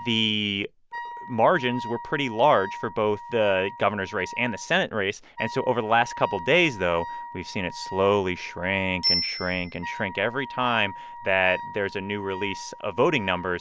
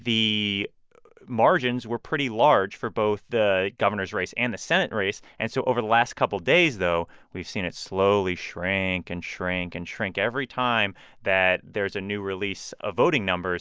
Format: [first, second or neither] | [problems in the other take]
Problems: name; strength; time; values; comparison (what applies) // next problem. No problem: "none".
second | background sound (Wind instrument, woodwind instrument + Bicycle bell); 10 dB below the speech